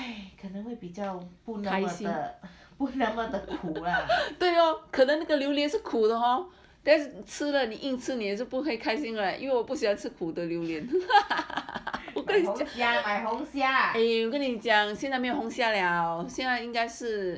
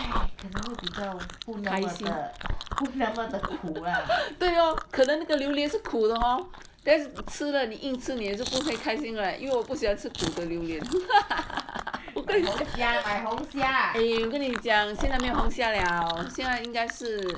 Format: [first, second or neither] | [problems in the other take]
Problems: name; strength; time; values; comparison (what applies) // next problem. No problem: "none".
first | background sound (Chewing, mastication); 7 dB below the speech